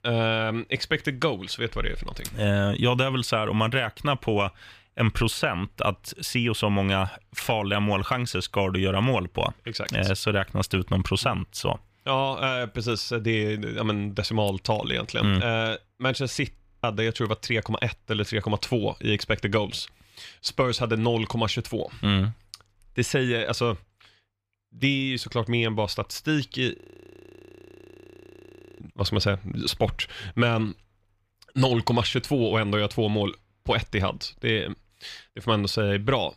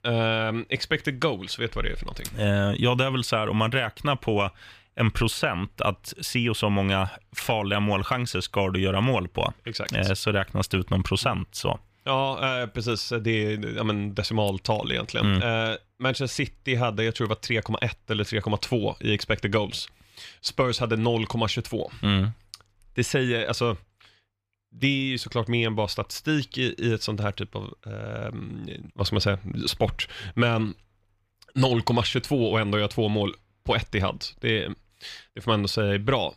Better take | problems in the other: second | audio freezing; at 17 s and at 27 s for 2 s

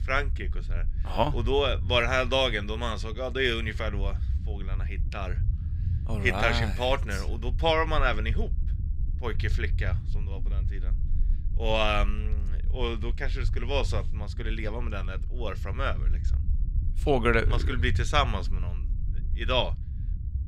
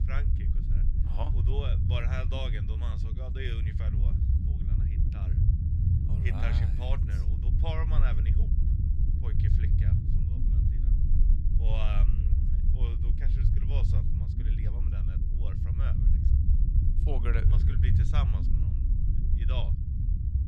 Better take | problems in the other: first | low rumble; loud; throughout; 2 dB below the speech; faint in the first

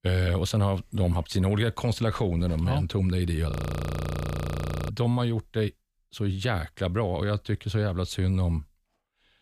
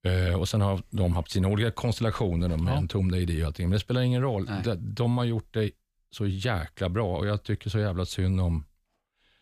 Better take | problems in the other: second | audio freezing; at 3.5 s for 1.5 s

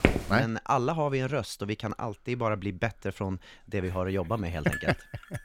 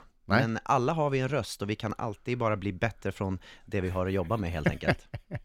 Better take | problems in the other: second | footsteps; loud; at the start; peak 4 dB above the speech // clattering dishes; noticeable; at 4.5 s; peak 7 dB below the speech

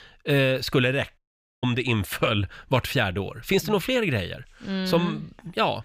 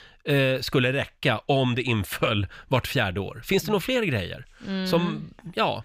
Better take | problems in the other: second | audio cutting out; at 1 s

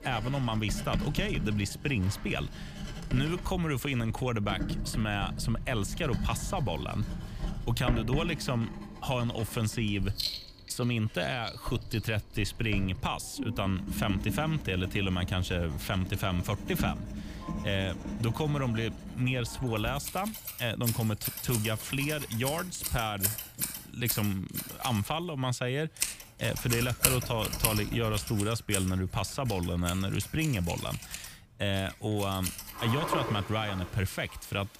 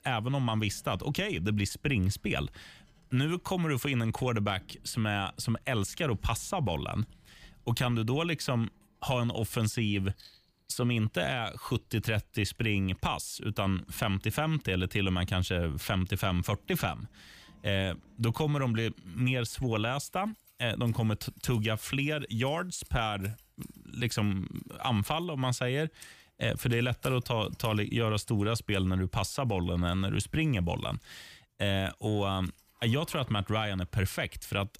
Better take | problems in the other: second | household noises; loud; throughout; 5 dB below the speech; faint in the second

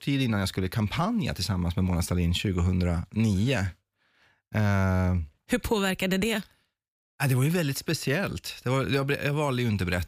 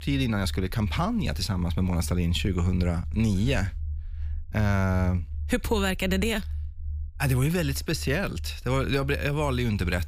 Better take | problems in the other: first | low rumble; faint; throughout; 25 dB below the speech

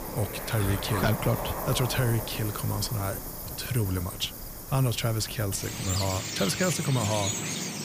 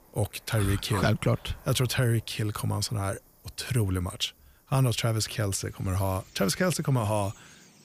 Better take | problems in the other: second | animal sounds; loud; throughout; 4 dB below the speech; faint in the second

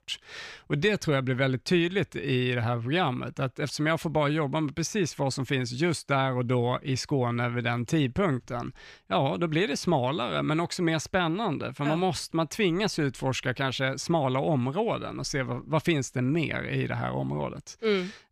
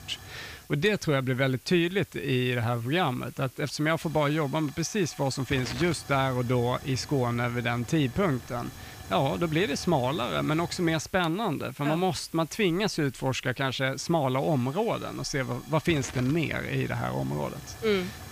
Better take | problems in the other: first | hiss; noticeable; throughout; 15 dB below the speech

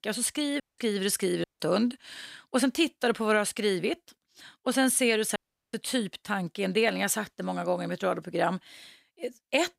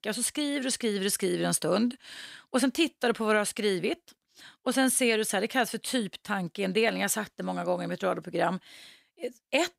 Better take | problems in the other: second | audio cutting out; at 0.5 s, at 1.5 s and at 5.5 s

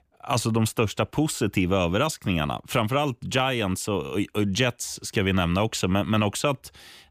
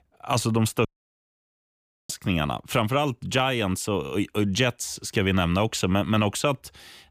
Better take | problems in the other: first | audio cutting out; at 1 s for 1 s

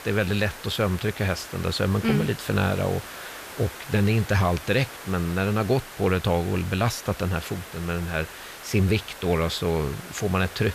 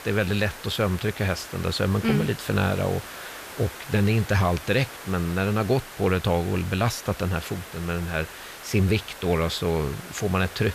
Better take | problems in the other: neither | hiss; noticeable; throughout; 15 dB below the speech; the same in both

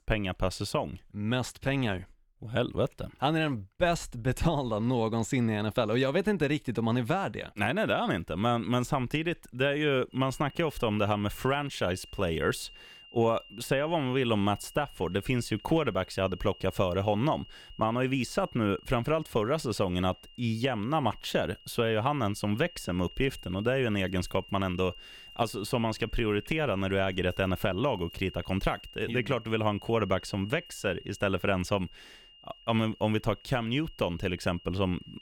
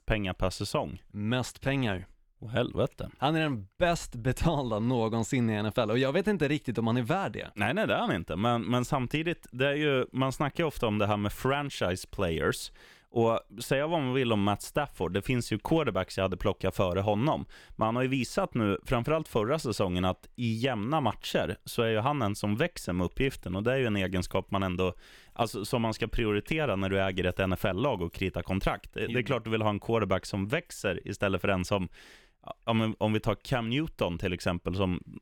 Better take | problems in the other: second | high-pitched whine; noticeable; from 10 s on; 3 kHz, 20 dB below the speech

